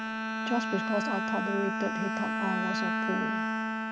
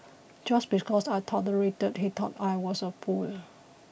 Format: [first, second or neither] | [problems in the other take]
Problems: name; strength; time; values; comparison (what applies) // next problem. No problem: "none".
second | background sound (Bowed string instrument); 3 dB above the speech